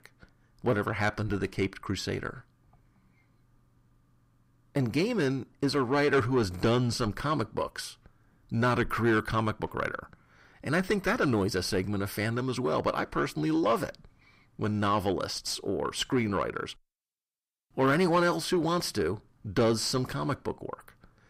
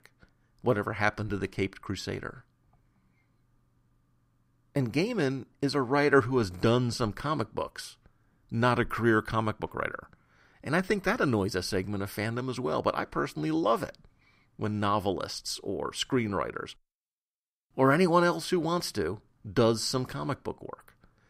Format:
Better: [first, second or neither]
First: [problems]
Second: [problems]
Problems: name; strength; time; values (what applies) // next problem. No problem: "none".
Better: second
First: distortion; slight; 10 dB below the speech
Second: none